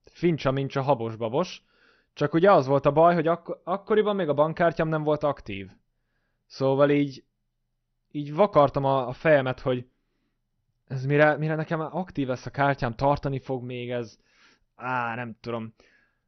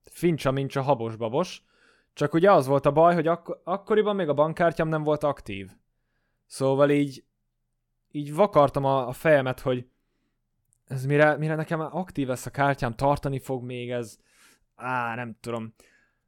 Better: second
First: garbled, watery; slightly; nothing above 6 kHz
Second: none

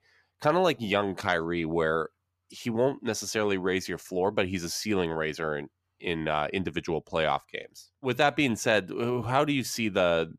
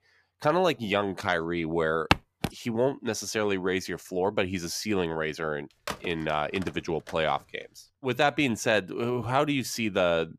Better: first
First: none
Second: footsteps; very faint; at 2 s; peak 2 dB above the speech // phone ringing; noticeable; from 6 to 7.5 s; peak 9 dB below the speech

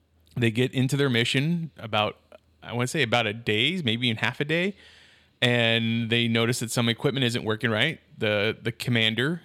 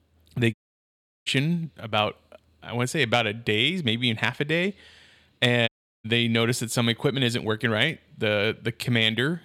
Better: first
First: none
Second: audio cutting out; at 0.5 s for 0.5 s and at 5.5 s

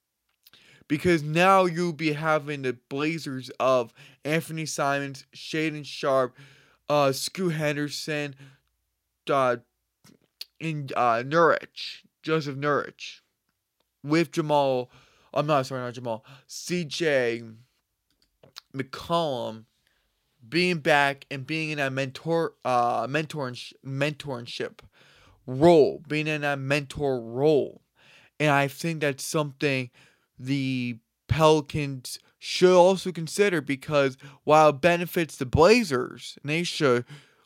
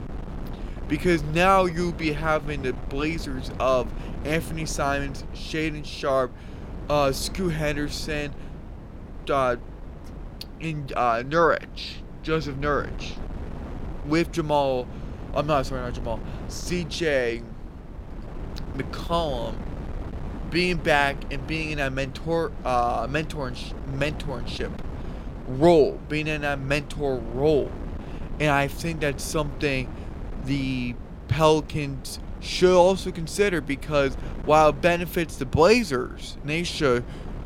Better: first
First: none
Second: wind noise on the microphone; occasional gusts; 20 dB below the speech

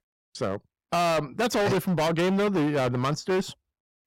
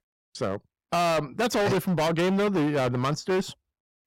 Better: neither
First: distortion; heavy; 23% of the sound clipped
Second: distortion; heavy; 23% of the sound clipped

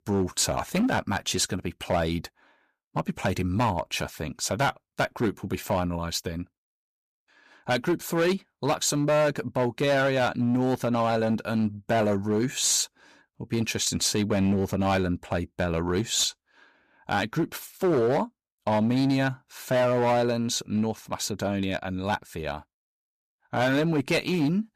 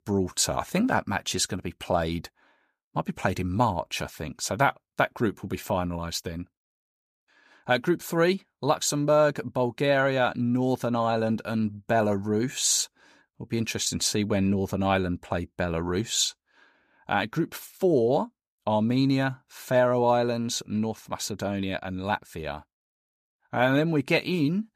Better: second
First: distortion; slight; 8% of the sound clipped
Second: none

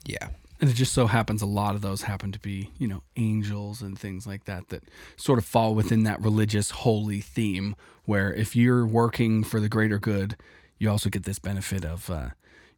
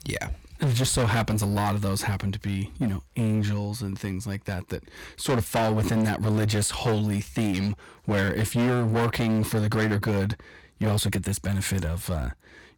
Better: first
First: none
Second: distortion; heavy; 17% of the sound clipped

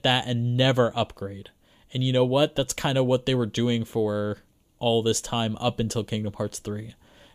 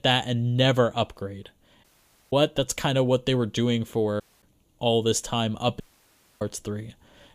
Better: first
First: none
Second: audio cutting out; at 2 s, at 4 s and at 6 s for 0.5 s

